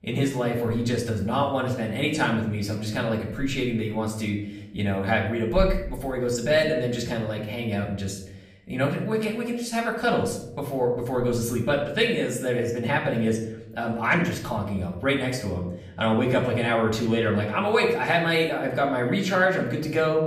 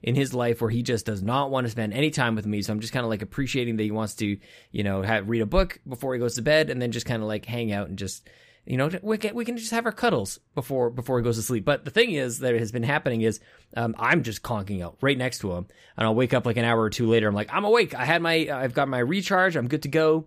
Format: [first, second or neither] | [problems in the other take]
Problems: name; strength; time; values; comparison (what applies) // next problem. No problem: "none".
second | off-mic speech; far // room echo; slight; dies away in 0.7 s